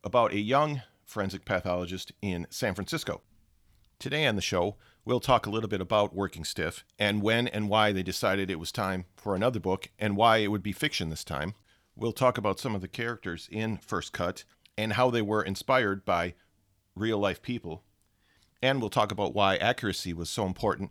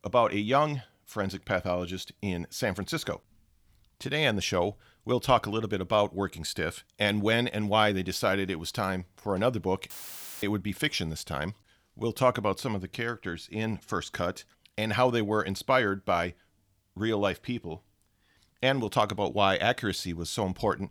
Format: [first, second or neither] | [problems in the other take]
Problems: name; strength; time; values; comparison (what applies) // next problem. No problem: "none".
first | audio cutting out; filled with static; at 10 s for 0.5 s